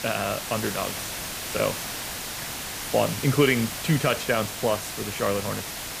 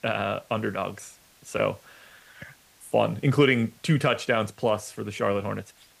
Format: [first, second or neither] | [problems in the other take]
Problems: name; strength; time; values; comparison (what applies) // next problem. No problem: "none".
second | hiss; loud; throughout; 5 dB below the speech; faint in the second